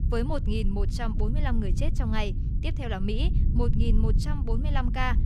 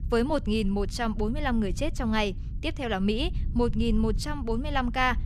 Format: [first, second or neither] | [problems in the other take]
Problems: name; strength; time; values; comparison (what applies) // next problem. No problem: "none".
second | low rumble; loud; throughout; 9 dB below the speech; faint in the second